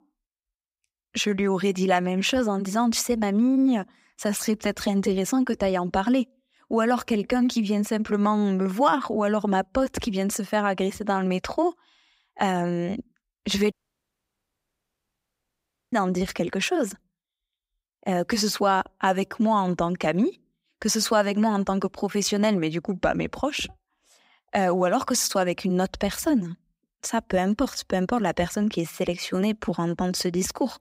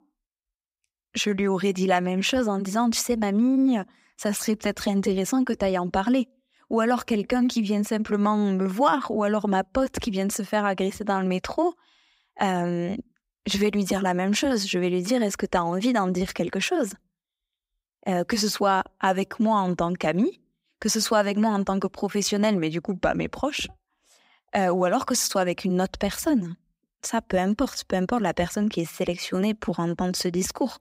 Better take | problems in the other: second | audio cutting out; at 14 s for 2 s

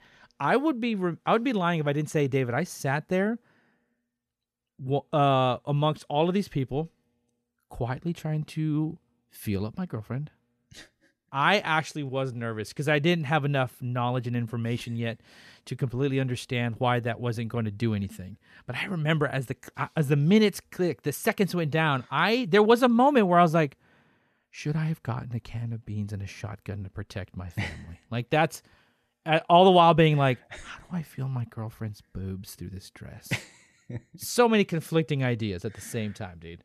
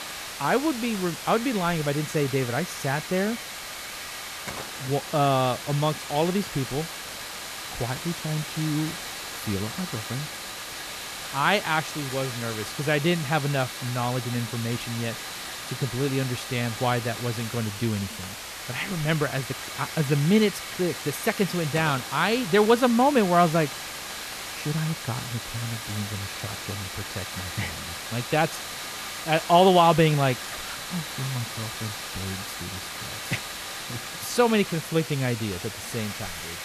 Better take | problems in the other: first | hiss; loud; throughout; 7 dB below the speech

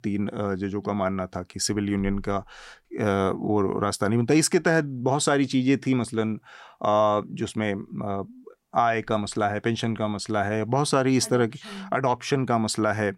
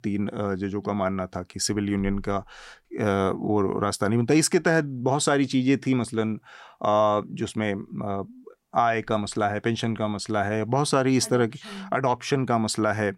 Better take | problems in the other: neither | none

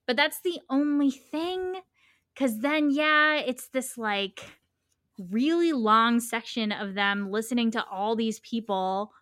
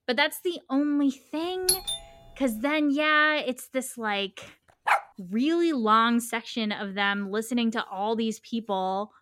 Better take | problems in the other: first | doorbell; loud; at 1.5 s; peak 2 dB above the speech // dog barking; loud; at 5 s; peak level with the speech

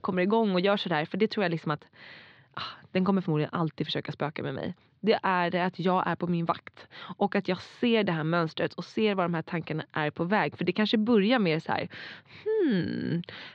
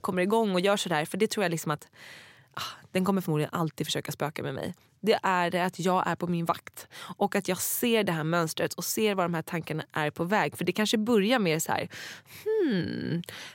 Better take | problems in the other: second | muffled; very slightly; fading above 4 kHz

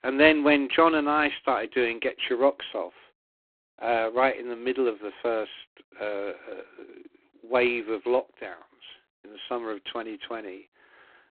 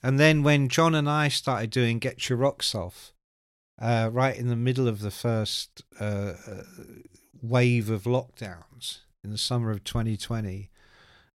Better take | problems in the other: second | phone-call audio; poor line

